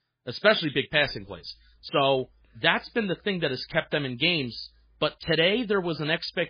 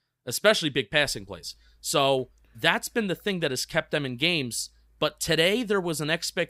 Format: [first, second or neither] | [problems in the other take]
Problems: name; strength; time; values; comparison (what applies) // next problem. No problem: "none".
second | garbled, watery; badly; nothing above 5 kHz